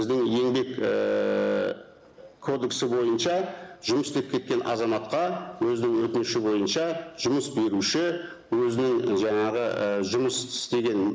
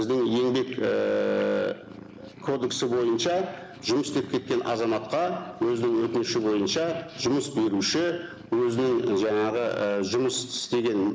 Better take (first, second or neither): first